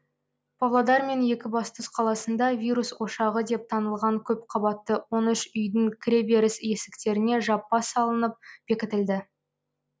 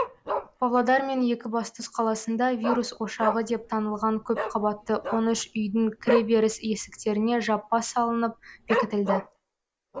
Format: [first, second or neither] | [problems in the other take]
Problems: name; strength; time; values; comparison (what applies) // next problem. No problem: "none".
first | noise reduction (neural mask model Resemble Enhance denoiser)